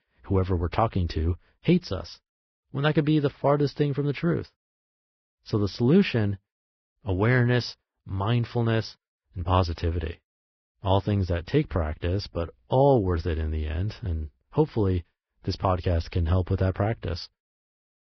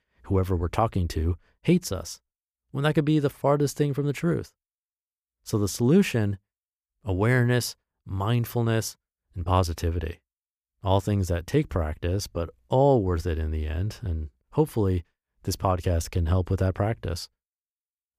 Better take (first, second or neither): second